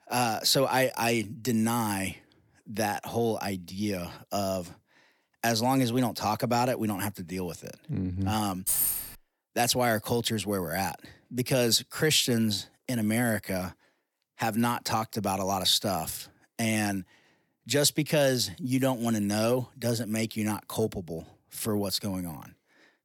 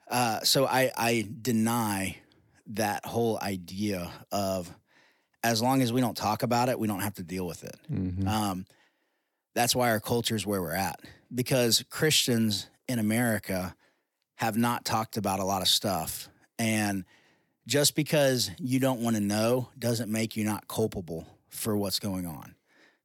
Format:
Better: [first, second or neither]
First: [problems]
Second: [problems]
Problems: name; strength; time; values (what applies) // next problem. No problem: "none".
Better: second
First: jangling keys; loud; at 8.5 s; peak 4 dB above the speech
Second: none